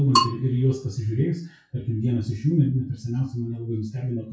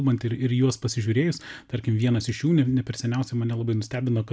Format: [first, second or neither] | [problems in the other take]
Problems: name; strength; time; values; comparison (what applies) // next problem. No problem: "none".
second | noise reduction (classical method WPE with log-MMSE)